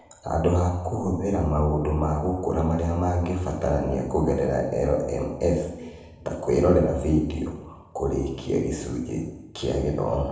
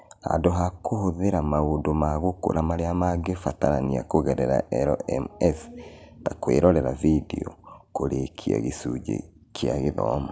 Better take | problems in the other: second | room echo; dies away in 0.8 s

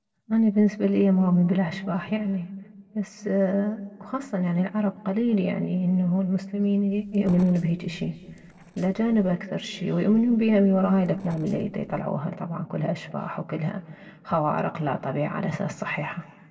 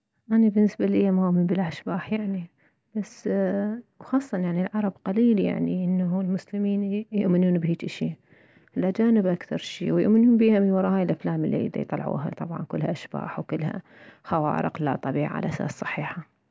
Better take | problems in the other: second | noise reduction (neural separator model SepFormer DNS4)

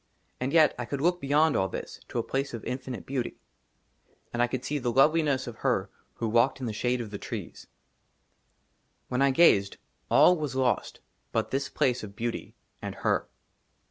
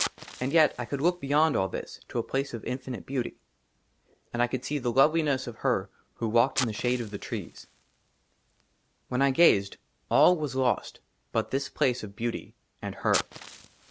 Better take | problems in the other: first | background sound (Fire); 15 dB below the speech

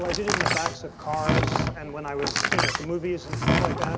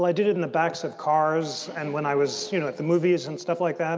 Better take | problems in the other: second | background sound (Door); 5 dB above the speech

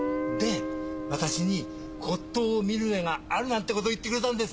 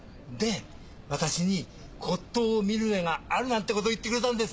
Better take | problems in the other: second | background sound (Guitar); 6 dB below the speech

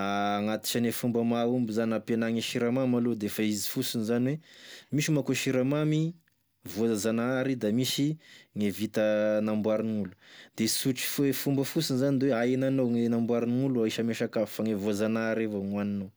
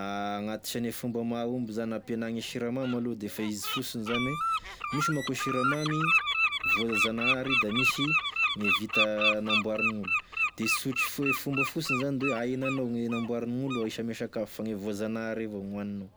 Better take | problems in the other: first | background sound (Bird); as loud as the speech

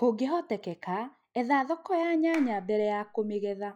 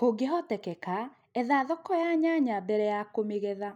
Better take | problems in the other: second | noise reduction (classical method log-MMSE)

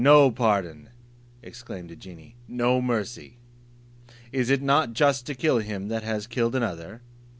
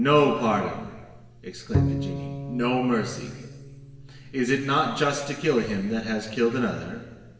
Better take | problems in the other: first | background sound (Bowed string instrument); 5 dB below the speech // room echo; dies away in 1.4 s

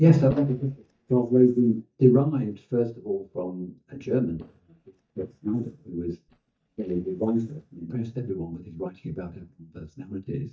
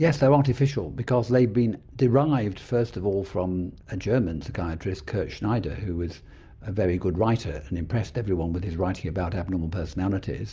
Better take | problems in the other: second | noise reduction (neural mask model DeepFilterNet 3)

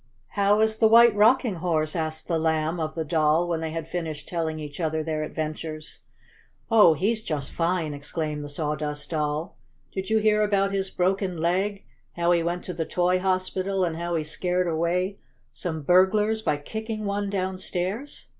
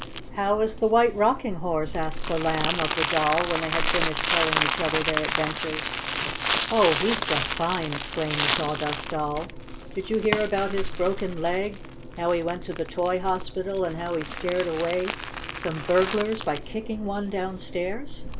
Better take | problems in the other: first | background sound (Crumpling, crinkling); 3 dB below the speech

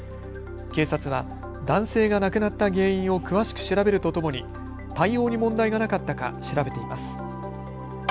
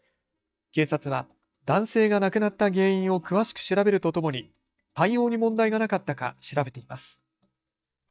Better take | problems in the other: first | noise reduction (neural mask model DeepFilterNet 3)

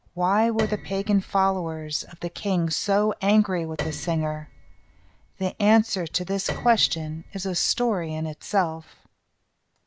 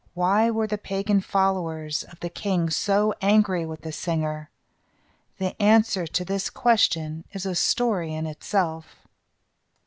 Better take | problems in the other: second | background sound (Piano); 13 dB below the speech

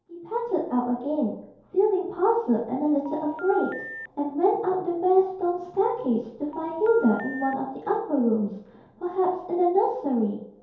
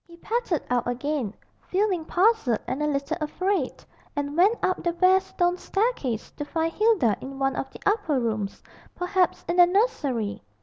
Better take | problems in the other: second | background sound (Telephone); 13 dB below the speech // room echo; dies away in 2.4 s

